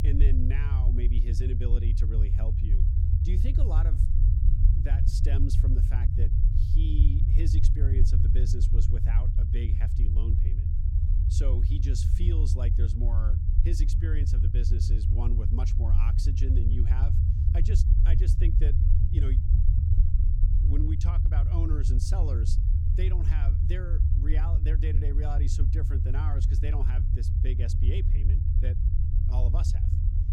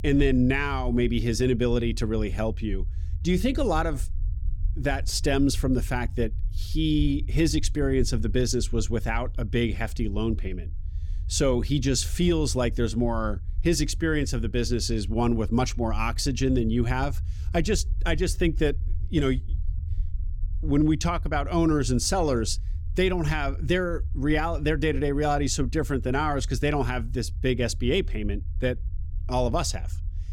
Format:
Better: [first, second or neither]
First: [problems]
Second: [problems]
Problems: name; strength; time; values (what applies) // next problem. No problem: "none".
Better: second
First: low rumble; loud; throughout; as loud as the speech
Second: low rumble; faint; throughout; 25 dB below the speech